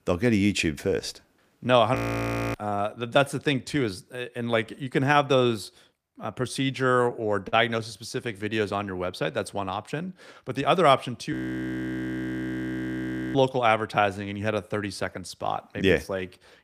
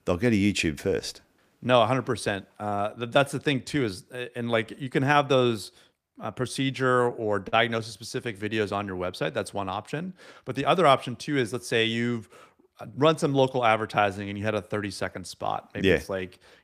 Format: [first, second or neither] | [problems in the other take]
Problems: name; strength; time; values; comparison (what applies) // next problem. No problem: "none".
second | audio freezing; at 2 s for 0.5 s and at 11 s for 2 s